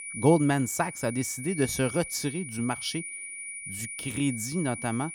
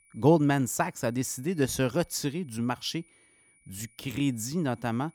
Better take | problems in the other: second | high-pitched whine; loud; throughout; 2.5 kHz, 8 dB below the speech; faint in the second

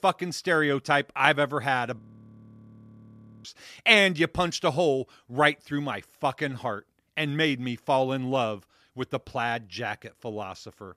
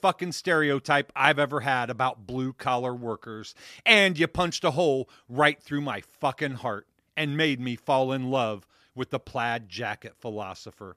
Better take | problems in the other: second | audio freezing; at 2 s for 1.5 s

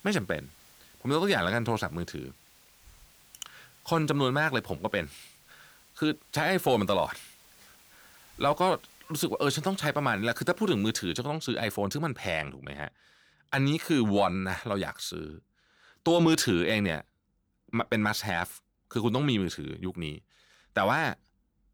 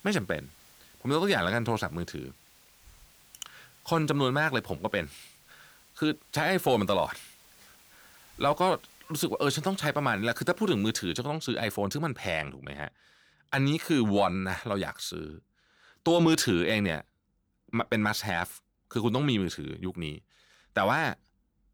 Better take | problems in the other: neither | hiss; faint; until 11 s; 25 dB below the speech; the same in both

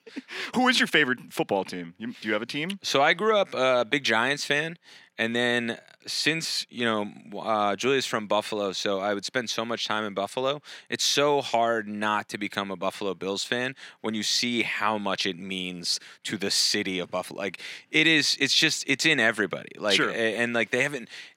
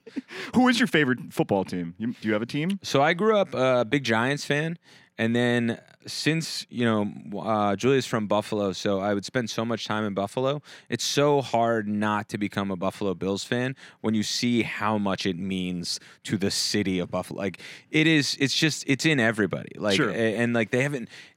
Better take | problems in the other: second | thin; very slightly; fading below 500 Hz

